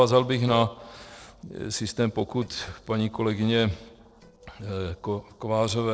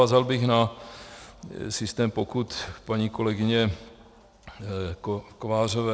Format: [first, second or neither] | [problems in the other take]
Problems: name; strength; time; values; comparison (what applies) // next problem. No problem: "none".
second | noise reduction (neural separator model SepFormer DNS4)